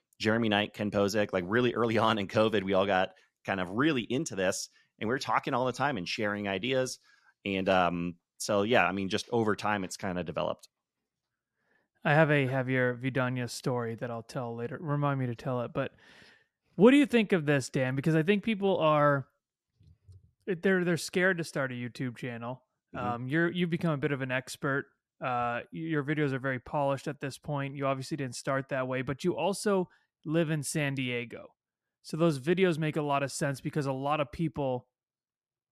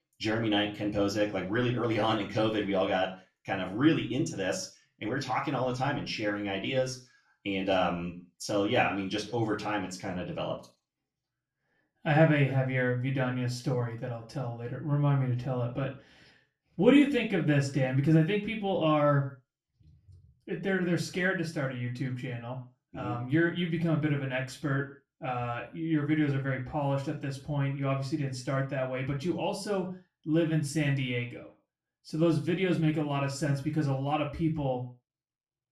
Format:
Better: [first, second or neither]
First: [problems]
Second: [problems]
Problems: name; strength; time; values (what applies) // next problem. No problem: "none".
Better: first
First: none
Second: room echo; slight; dies away in 0.3 s // off-mic speech; far